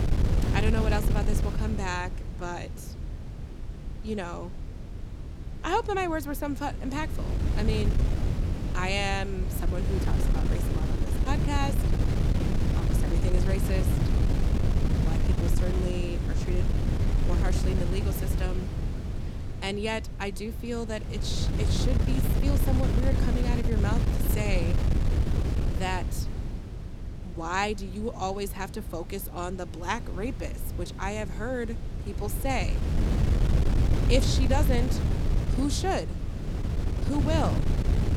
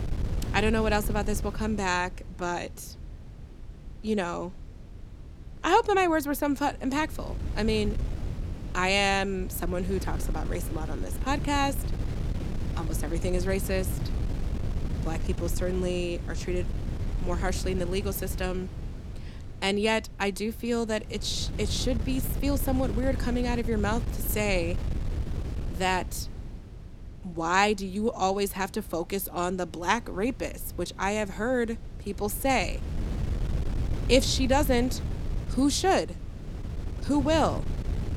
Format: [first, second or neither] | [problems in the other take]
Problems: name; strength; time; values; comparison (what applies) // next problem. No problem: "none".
second | wind noise on the microphone; heavy; 5 dB below the speech; occasional gusts in the second